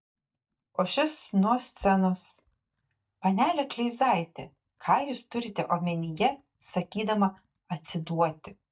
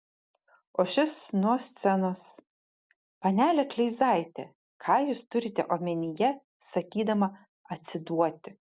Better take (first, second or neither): second